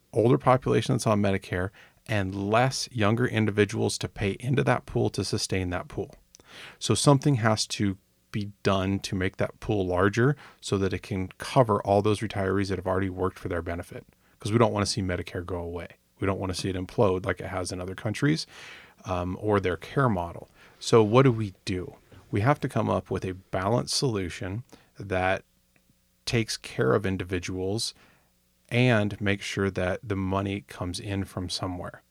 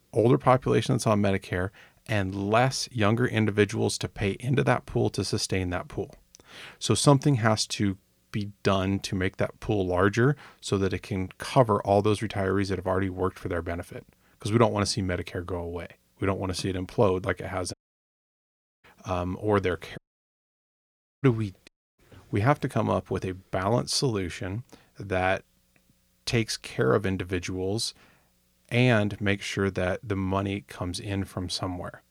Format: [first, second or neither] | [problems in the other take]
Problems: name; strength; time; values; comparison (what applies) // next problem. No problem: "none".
first | audio cutting out; at 18 s for 1 s, at 20 s for 1 s and at 22 s